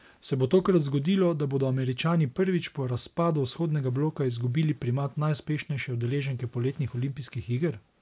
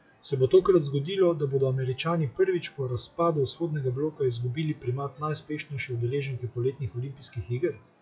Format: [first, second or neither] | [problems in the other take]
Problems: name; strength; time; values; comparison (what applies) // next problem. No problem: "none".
first | noise reduction (classical method WPE with log-MMSE)